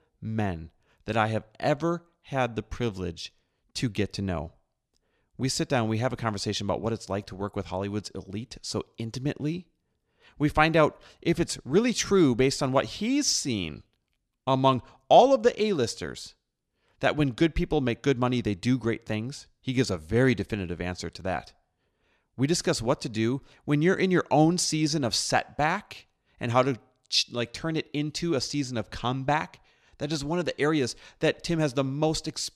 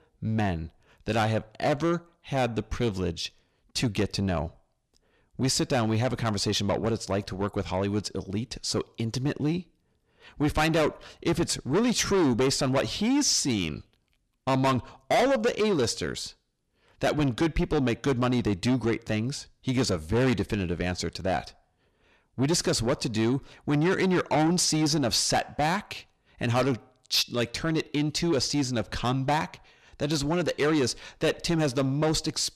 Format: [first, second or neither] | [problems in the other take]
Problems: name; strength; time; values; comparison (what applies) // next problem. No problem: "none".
first | distortion; heavy; 6 dB below the speech